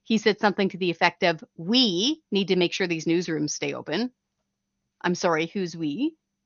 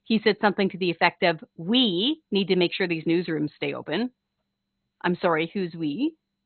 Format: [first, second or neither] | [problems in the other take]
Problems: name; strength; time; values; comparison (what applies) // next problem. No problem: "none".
first | garbled, watery; badly; nothing above 4 kHz; slightly in the first